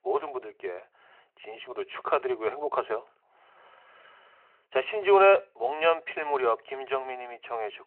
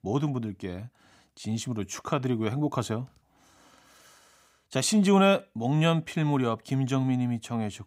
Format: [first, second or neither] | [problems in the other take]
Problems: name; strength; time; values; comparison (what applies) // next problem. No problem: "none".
second | phone-call audio